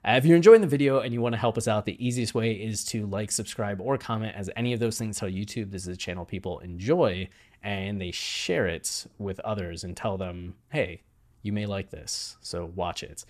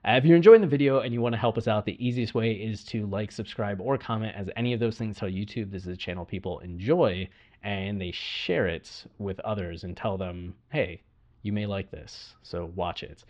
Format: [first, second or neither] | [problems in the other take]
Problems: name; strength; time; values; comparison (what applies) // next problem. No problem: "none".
first | muffled; slightly; fading above 3.5 kHz